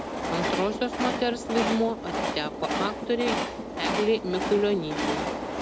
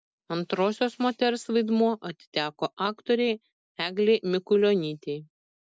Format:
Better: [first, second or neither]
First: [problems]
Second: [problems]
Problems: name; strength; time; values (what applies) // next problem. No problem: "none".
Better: second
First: background sound (Train); 2 dB below the speech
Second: none